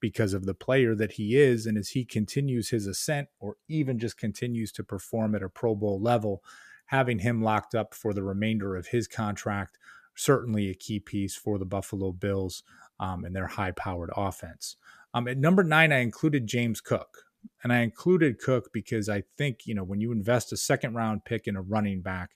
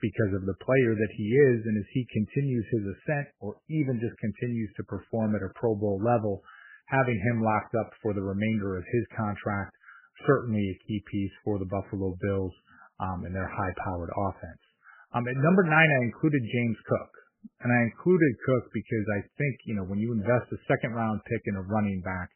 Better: first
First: none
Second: garbled, watery; badly; nothing above 2.5 kHz

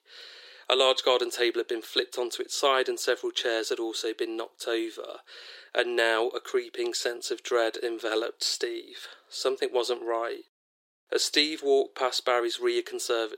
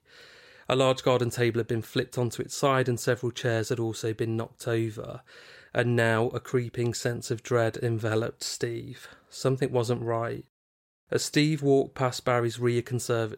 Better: second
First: thin; very; fading below 350 Hz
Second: none

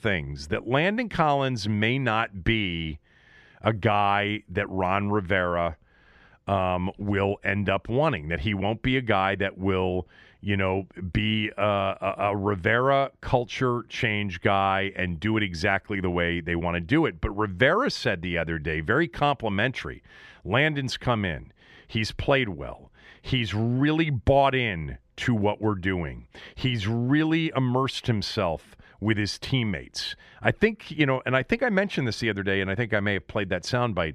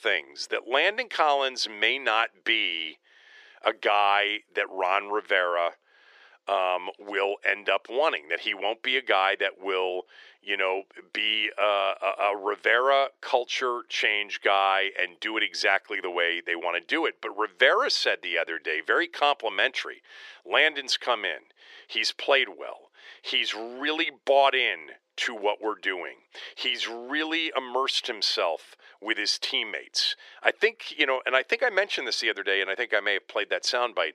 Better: first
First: none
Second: thin; very; fading below 400 Hz

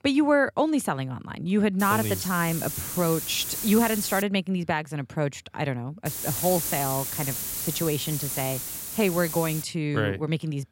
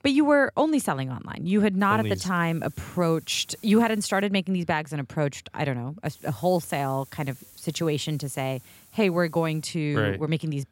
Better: second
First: hiss; loud; from 2 to 4 s and from 6 to 9.5 s; 3 dB below the speech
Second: hiss; faint; from 2 to 4 s and from 6 to 9.5 s; 25 dB below the speech

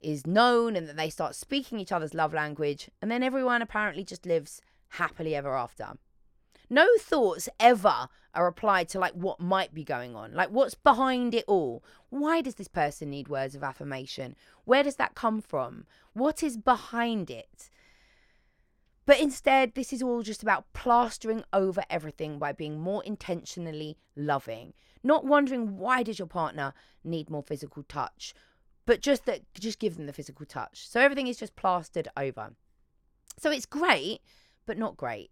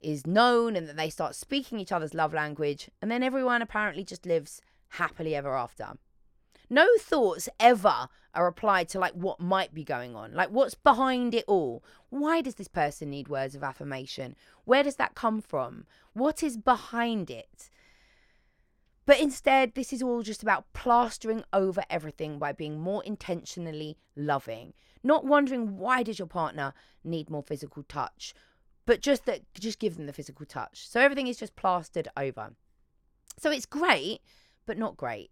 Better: neither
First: none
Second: none

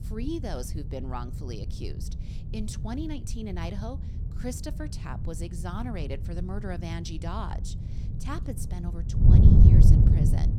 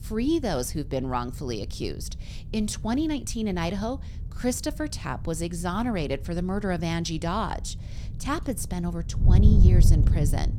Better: second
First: wind noise on the microphone; heavy; 1 dB above the speech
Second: wind noise on the microphone; occasional gusts; 10 dB below the speech

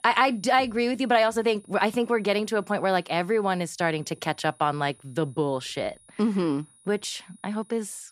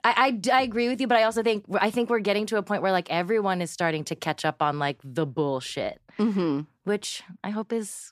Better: second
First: high-pitched whine; faint; throughout; 10.5 kHz, 30 dB below the speech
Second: none

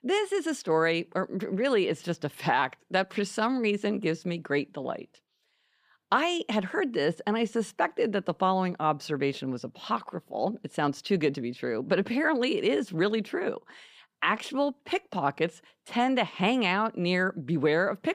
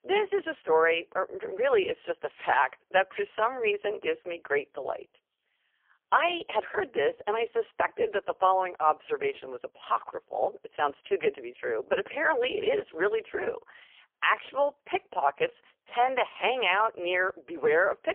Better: first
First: none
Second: phone-call audio; poor line; nothing above 3 kHz

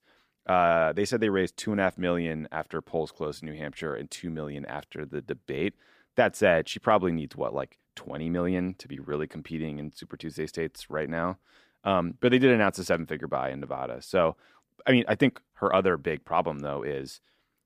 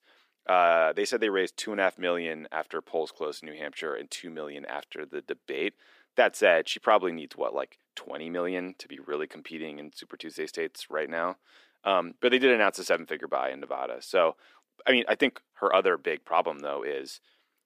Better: first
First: none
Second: thin; somewhat; fading below 350 Hz

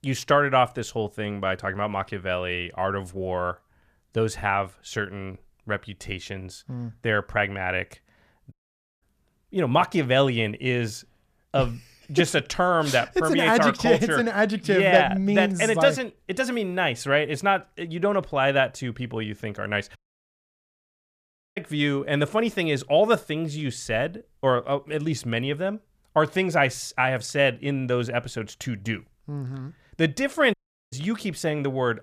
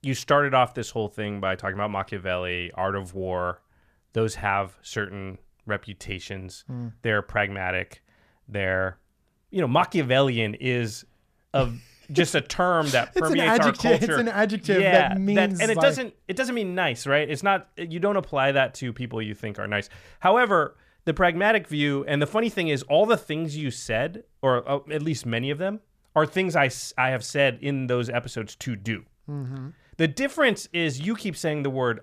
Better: second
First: audio cutting out; at 8.5 s, at 20 s for 1.5 s and at 31 s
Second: none

